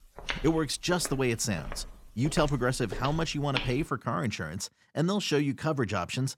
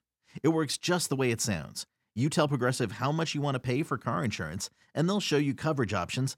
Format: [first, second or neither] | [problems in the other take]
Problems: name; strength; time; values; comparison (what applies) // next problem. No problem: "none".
second | footsteps; noticeable; until 4 s; peak 4 dB below the speech